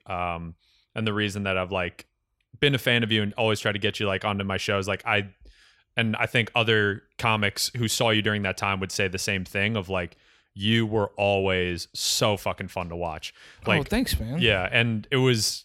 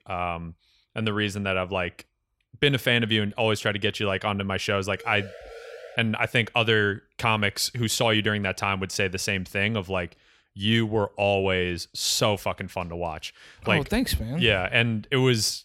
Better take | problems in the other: first | siren; faint; from 5 to 6 s; peak 15 dB below the speech

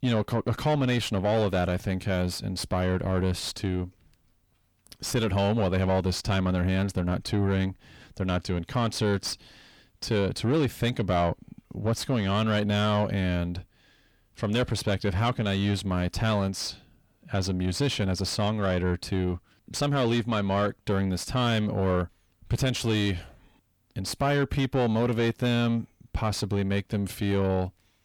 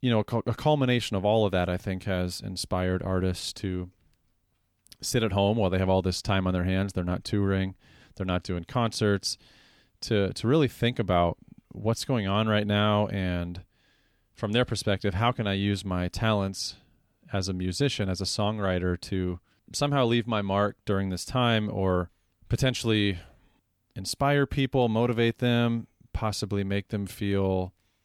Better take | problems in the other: second | distortion; slight; 10 dB below the speech

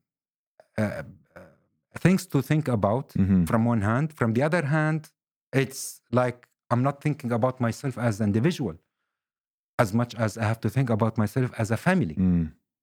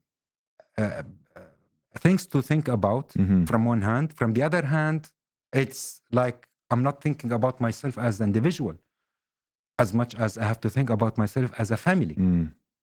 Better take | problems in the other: first | garbled, watery; slightly

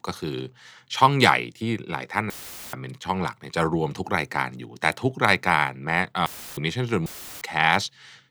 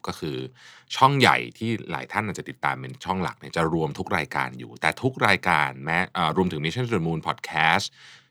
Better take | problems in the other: second | audio cutting out; filled with static; at 2.5 s, at 6.5 s and at 7 s

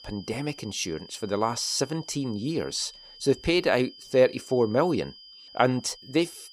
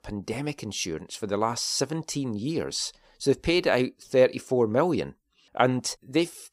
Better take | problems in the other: second | high-pitched whine; noticeable; throughout; 5 kHz, 20 dB below the speech

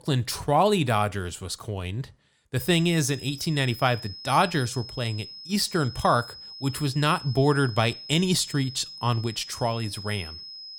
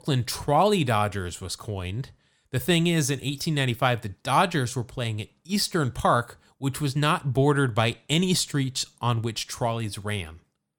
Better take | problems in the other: second | high-pitched whine; noticeable; from 2.5 s on; 5 kHz, 15 dB below the speech

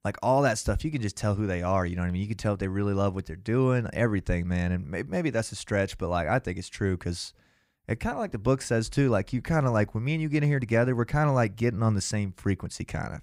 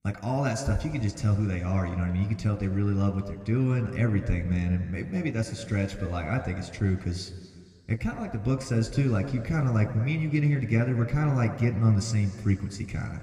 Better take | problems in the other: first | room echo; slight; dies away in 2 s

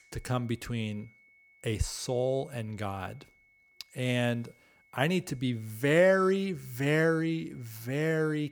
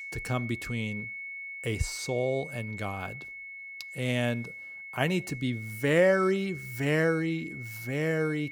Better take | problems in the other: first | high-pitched whine; loud; throughout; 2 kHz, 10 dB below the speech; faint in the first

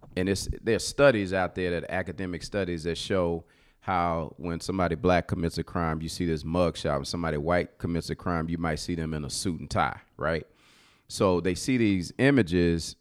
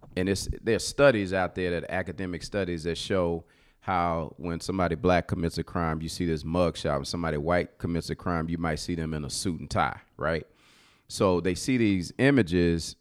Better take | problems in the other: neither | none

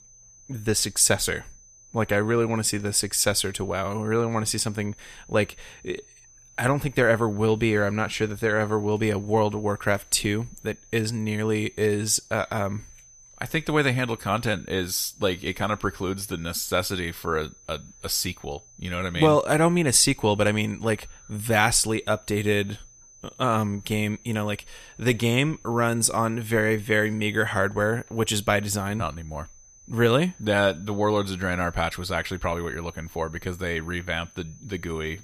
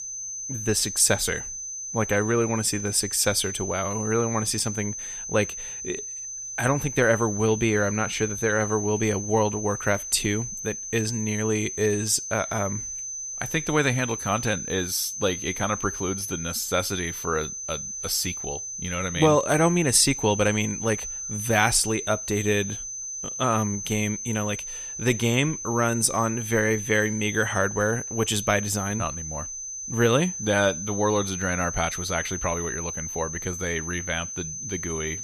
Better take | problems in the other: first | high-pitched whine; loud; throughout; 6 kHz, 6 dB below the speech; faint in the first

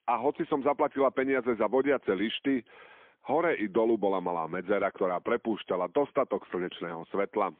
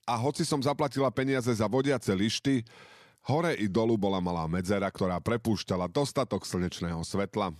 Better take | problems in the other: second | phone-call audio; poor line; nothing above 3.5 kHz

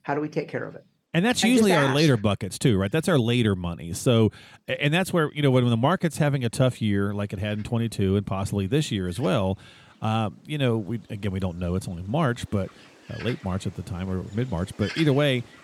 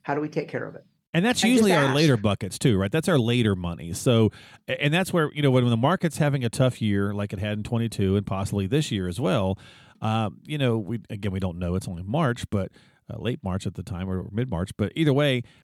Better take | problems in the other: second | animal sounds; noticeable; throughout; 20 dB below the speech

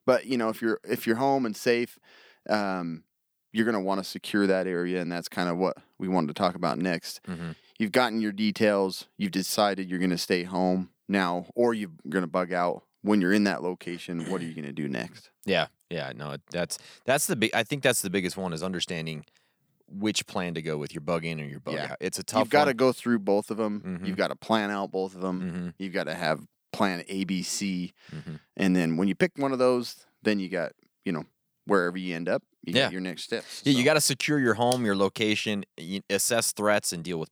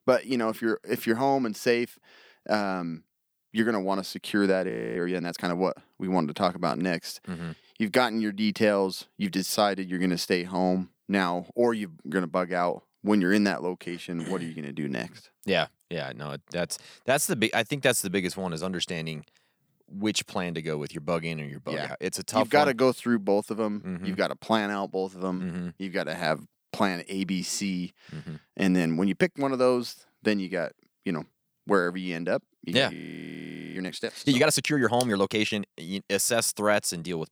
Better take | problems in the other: first | audio freezing; at 4.5 s and at 33 s for 1 s

